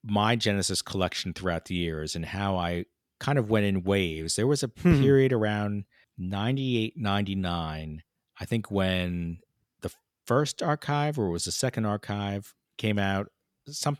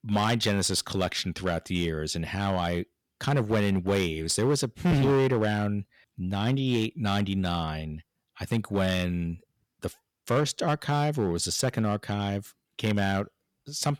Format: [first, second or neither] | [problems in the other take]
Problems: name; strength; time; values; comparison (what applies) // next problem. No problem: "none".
first | distortion; slight; 5% of the sound clipped